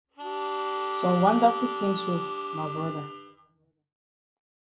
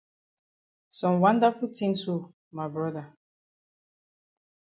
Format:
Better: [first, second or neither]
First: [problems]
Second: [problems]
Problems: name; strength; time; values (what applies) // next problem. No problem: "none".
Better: second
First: background sound (Harmonica); 3 dB below the speech // room echo; dies away in 0.6 s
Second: none